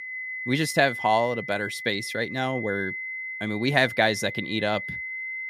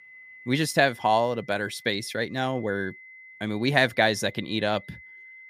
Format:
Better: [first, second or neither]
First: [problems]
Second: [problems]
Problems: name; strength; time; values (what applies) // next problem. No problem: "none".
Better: second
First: high-pitched whine; loud; throughout; 2 kHz, 7 dB below the speech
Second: high-pitched whine; faint; throughout; 2 kHz, 20 dB below the speech